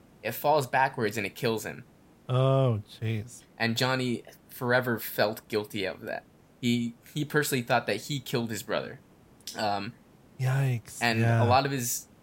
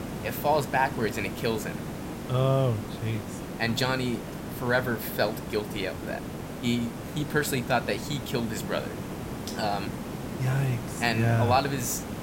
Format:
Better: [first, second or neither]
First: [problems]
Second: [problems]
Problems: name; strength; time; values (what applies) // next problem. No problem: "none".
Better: first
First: hiss; faint; throughout; 30 dB below the speech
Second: hiss; loud; throughout; 7 dB below the speech